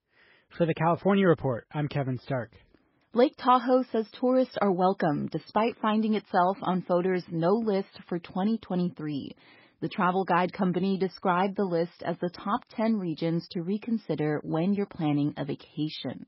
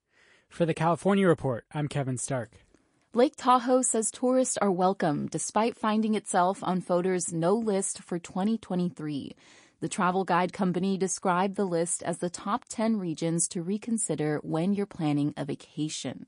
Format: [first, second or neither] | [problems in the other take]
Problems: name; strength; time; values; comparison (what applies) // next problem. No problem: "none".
second | garbled, watery; badly; nothing above 5.5 kHz; slightly in the second